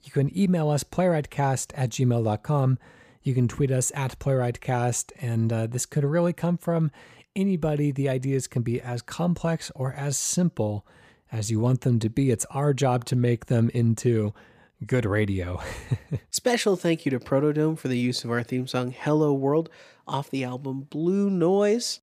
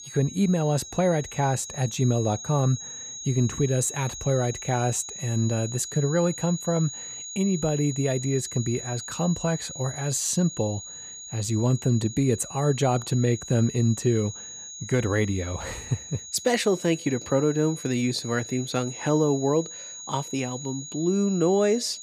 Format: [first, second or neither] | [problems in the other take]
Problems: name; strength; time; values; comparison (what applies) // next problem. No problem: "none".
first | high-pitched whine; noticeable; throughout; 6.5 kHz, 10 dB below the speech